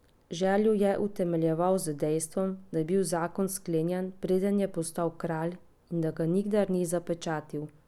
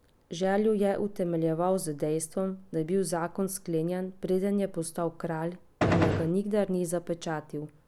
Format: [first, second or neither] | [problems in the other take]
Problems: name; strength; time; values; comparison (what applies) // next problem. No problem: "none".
first | background sound (Gunshot, gunfire); 4 dB above the speech